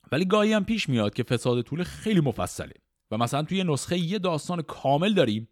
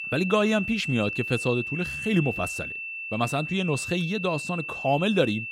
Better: first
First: none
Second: high-pitched whine; loud; throughout; 2.5 kHz, 5 dB below the speech

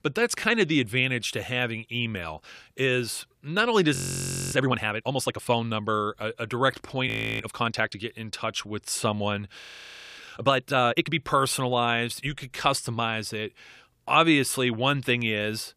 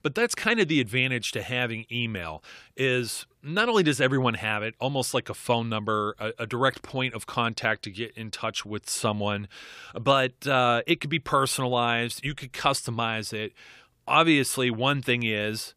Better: second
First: audio freezing; at 4 s for 0.5 s, at 7 s and at 9.5 s for 0.5 s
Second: none

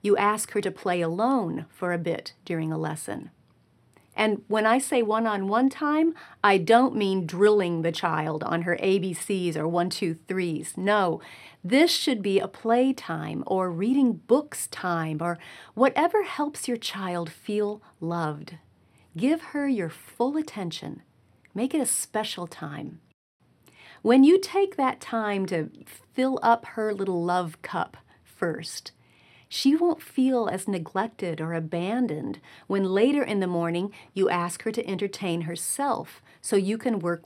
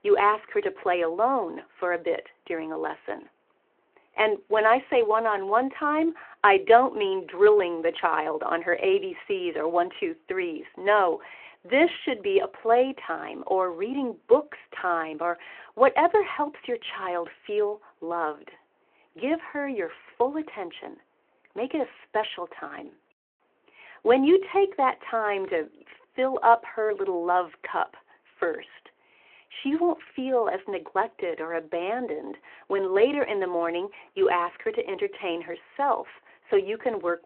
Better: first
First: none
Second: phone-call audio

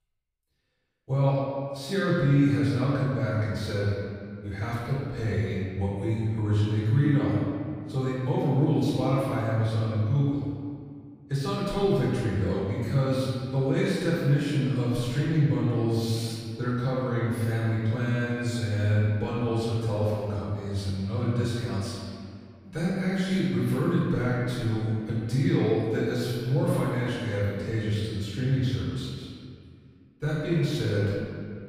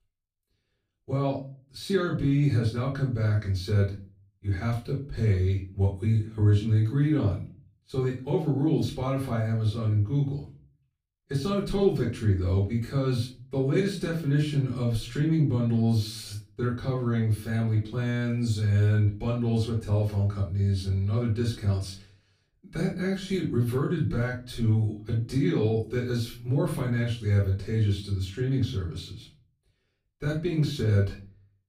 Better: second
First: room echo; strong; dies away in 2 s // off-mic speech; far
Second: room echo; slight; dies away in 0.3 s // off-mic speech; far

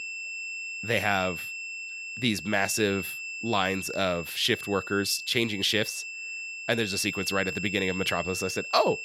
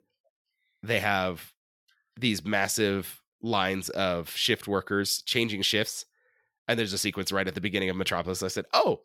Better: second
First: high-pitched whine; loud; throughout; 2.5 kHz, 7 dB below the speech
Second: none

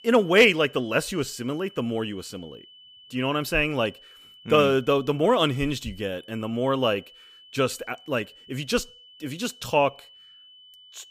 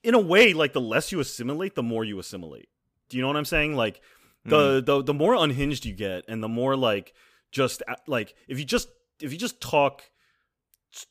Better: second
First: high-pitched whine; faint; throughout; 3 kHz, 25 dB below the speech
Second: none

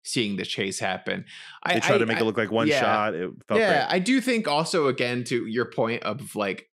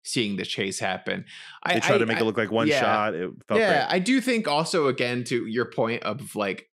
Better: neither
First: none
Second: none

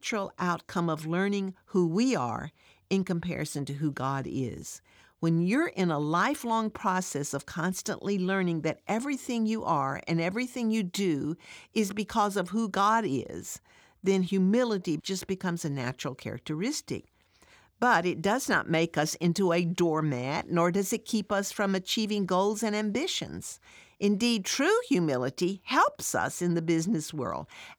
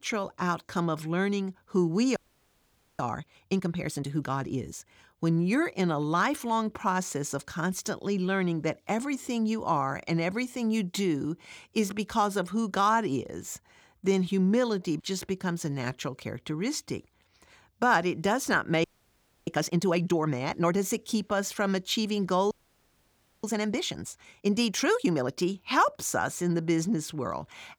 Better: first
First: none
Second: audio freezing; at 2 s for 1 s, at 19 s for 0.5 s and at 23 s for 1 s

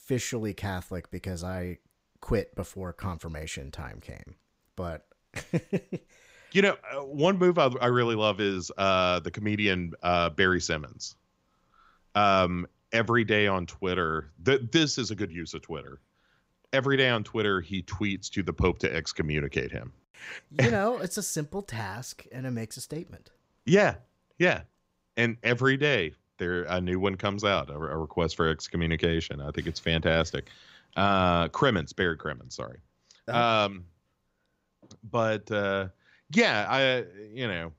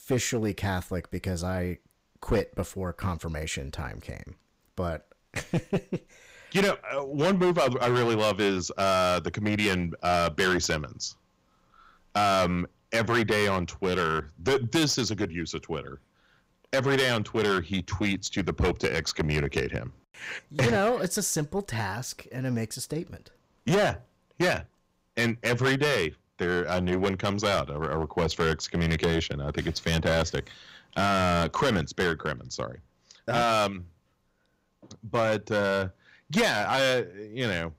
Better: first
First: none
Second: distortion; heavy; 8% of the sound clipped

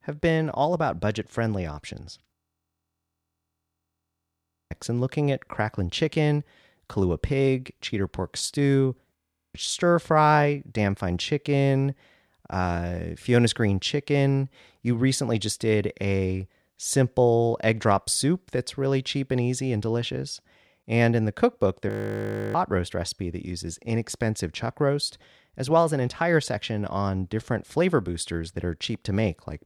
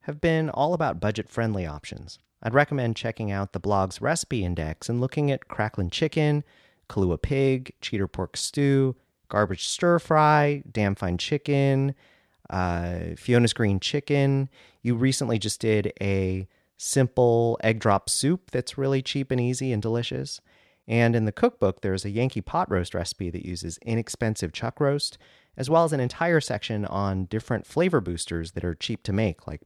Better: second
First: audio freezing; at 2.5 s for 2.5 s, at 9 s and at 22 s for 0.5 s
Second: none

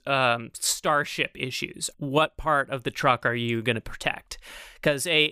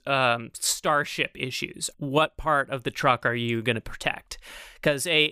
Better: neither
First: none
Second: none

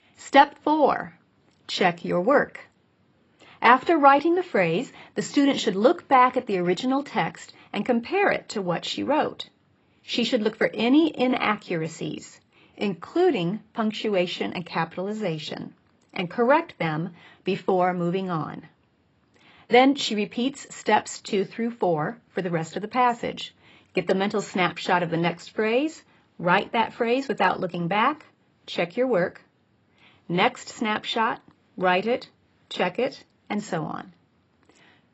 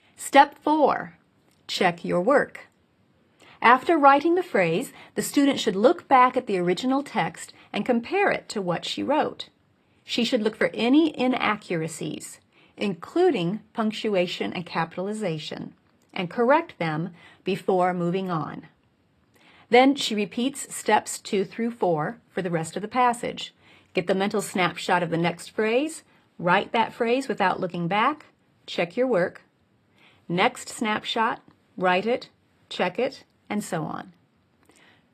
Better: second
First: garbled, watery; badly; nothing above 8 kHz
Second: garbled, watery; slightly; nothing above 14.5 kHz

